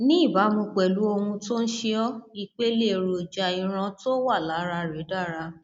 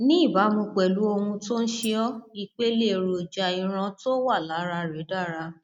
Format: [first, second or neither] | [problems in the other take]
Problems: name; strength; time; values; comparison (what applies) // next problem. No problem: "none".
first | noise reduction (neural mask model RNNoise)